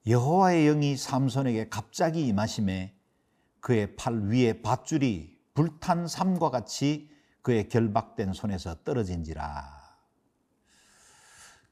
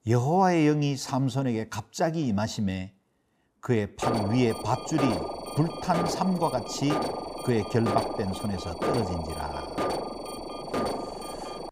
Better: first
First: none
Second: alarm; noticeable; from 4 s on; peak 2 dB below the speech

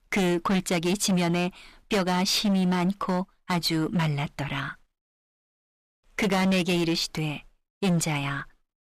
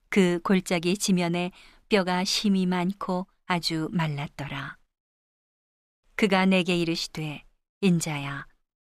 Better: second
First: distortion; heavy; 14% of the sound clipped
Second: none

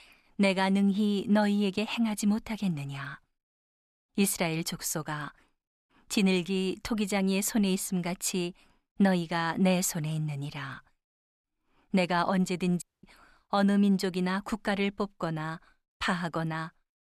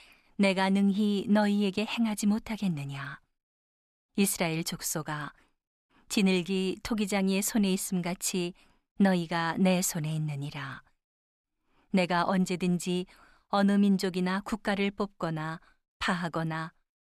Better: second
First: audio cutting out; at 13 s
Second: none

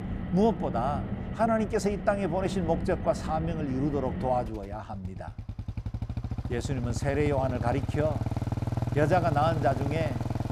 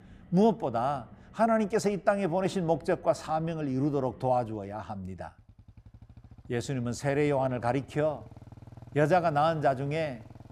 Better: second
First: traffic noise; loud; throughout; 5 dB below the speech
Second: traffic noise; faint; throughout; 25 dB below the speech

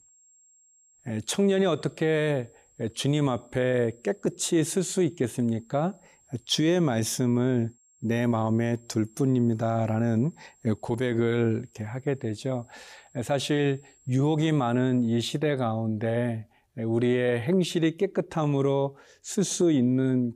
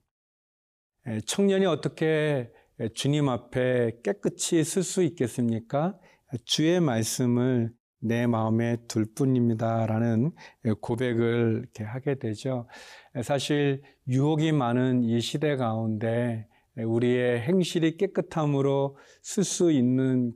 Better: second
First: high-pitched whine; faint; until 15 s; 7.5 kHz, 30 dB below the speech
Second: none

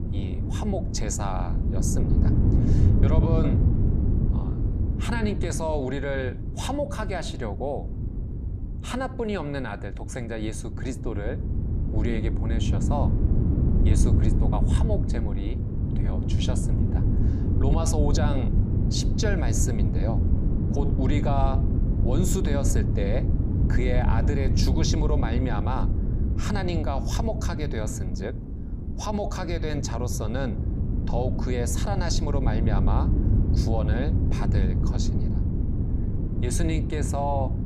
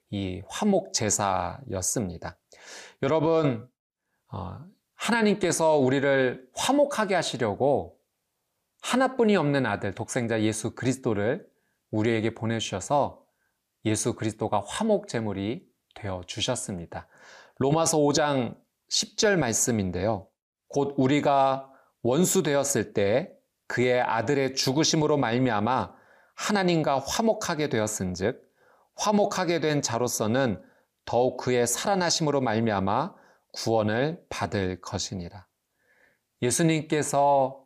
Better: second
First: wind noise on the microphone; heavy; 4 dB below the speech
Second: none

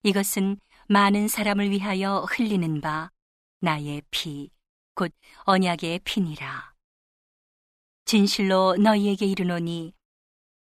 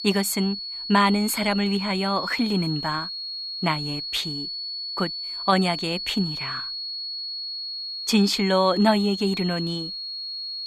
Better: first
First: none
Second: high-pitched whine; loud; throughout; 4.5 kHz, 6 dB below the speech

